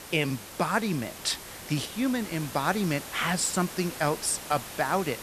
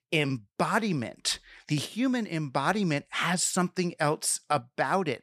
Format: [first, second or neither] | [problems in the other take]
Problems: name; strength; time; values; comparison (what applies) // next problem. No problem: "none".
second | hiss; noticeable; throughout; 10 dB below the speech